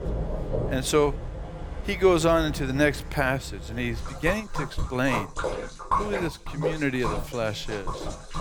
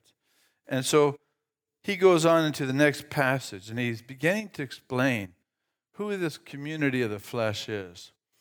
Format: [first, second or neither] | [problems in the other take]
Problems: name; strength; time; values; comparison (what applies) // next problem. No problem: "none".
second | rain or running water; loud; throughout; 7 dB below the speech